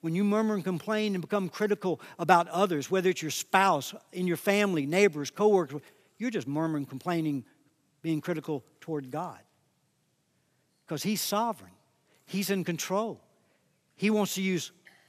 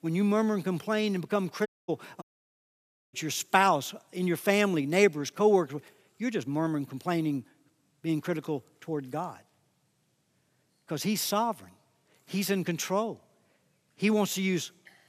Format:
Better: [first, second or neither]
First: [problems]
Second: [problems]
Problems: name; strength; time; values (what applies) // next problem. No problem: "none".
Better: first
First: none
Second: audio cutting out; at 1.5 s and at 2 s for 1 s